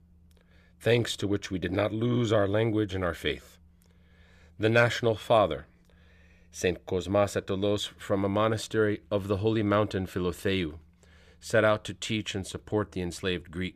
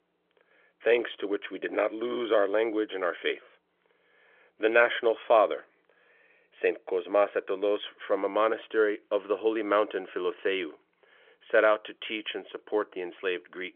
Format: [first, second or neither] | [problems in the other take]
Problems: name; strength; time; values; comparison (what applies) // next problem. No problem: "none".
first | phone-call audio; nothing above 3.5 kHz